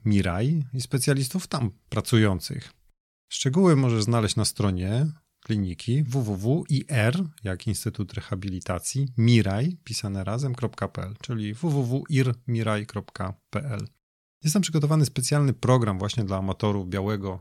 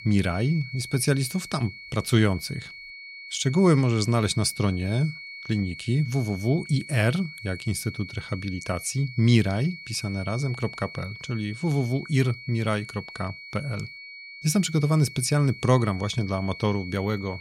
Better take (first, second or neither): first